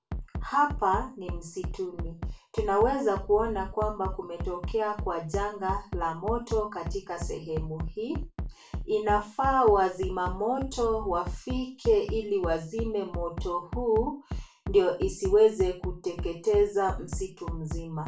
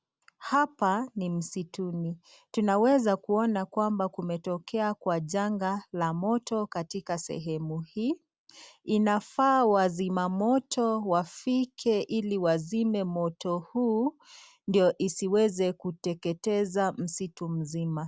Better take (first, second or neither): second